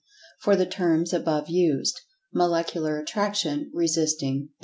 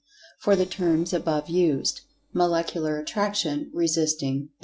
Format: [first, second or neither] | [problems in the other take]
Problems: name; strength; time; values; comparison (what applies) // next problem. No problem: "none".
first | noise reduction (neural separator model SepFormer DNS4)